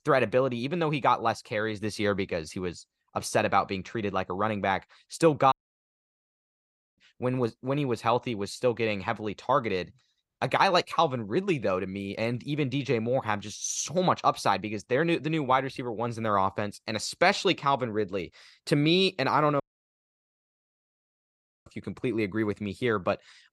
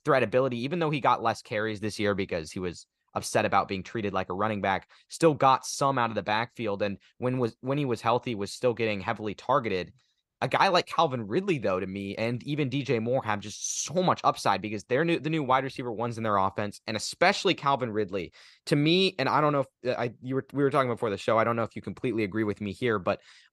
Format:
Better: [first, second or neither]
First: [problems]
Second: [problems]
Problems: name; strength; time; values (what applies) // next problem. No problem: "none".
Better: second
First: audio cutting out; at 5.5 s for 1.5 s and at 20 s for 2 s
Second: none